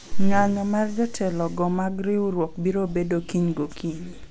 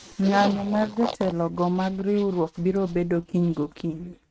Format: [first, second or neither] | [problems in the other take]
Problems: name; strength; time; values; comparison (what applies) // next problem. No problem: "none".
first | noise reduction (neural mask model RNNoise)